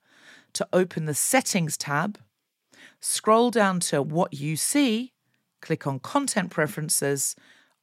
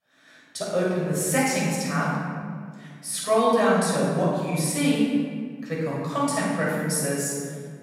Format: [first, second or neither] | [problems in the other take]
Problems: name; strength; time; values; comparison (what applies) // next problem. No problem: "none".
first | off-mic speech; far // room echo; strong; dies away in 1.8 s